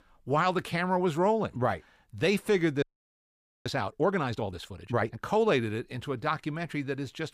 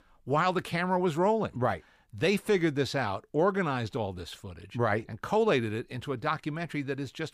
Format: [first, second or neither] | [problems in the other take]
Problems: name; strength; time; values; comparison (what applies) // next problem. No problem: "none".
second | audio freezing; at 3 s for 1 s